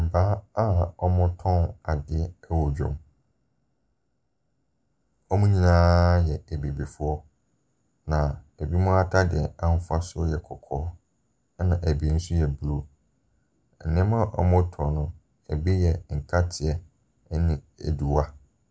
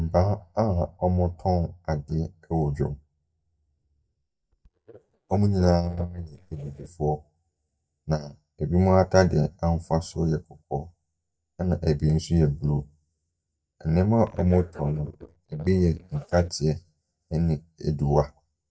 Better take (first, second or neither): first